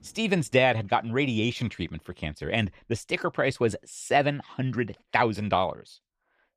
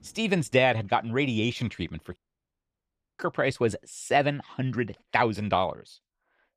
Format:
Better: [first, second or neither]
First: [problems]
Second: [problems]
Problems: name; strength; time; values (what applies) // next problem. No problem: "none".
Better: first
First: none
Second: audio cutting out; at 2 s for 1 s